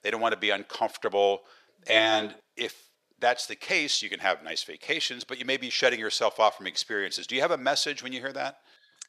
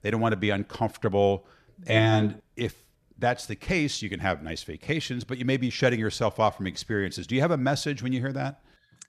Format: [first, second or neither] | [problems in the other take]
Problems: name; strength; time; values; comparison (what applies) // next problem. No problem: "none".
second | thin; very; fading below 550 Hz